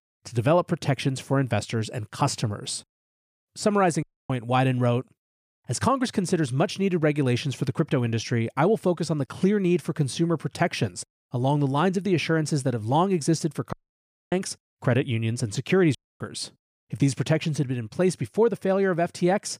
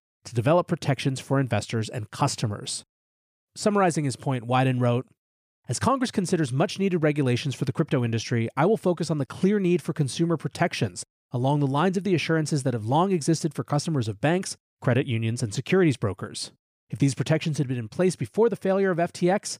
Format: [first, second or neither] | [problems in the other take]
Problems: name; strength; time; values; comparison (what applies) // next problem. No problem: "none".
second | audio cutting out; at 4 s, at 14 s for 0.5 s and at 16 s